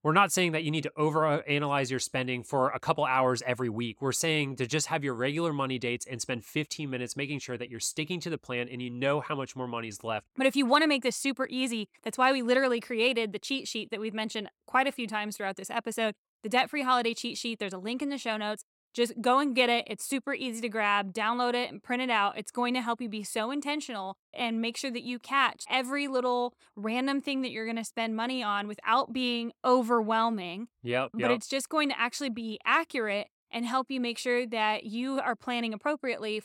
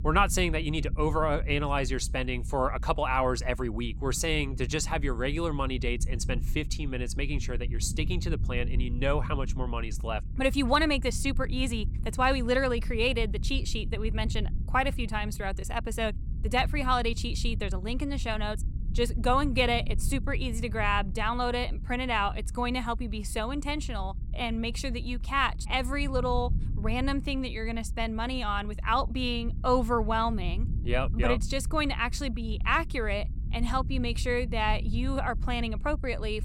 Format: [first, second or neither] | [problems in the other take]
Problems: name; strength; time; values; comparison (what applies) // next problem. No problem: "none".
first | low rumble; faint; throughout; 20 dB below the speech